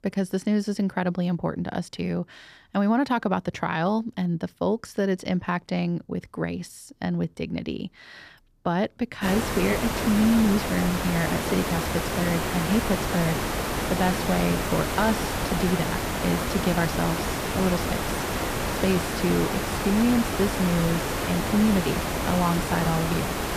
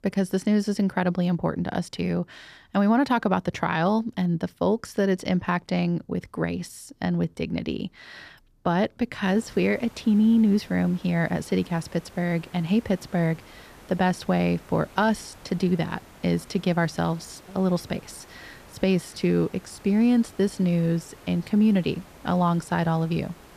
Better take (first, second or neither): second